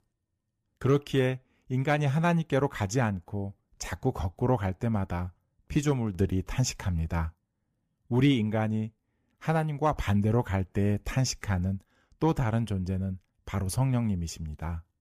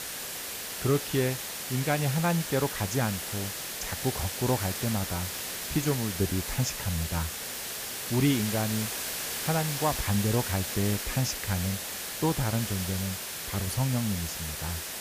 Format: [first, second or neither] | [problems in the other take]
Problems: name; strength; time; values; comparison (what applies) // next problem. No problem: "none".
first | hiss; loud; throughout; 2 dB below the speech